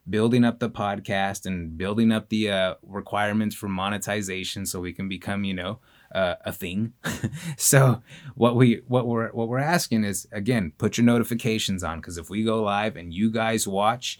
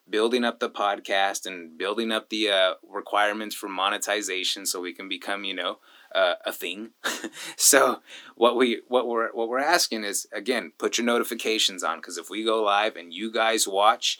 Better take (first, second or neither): first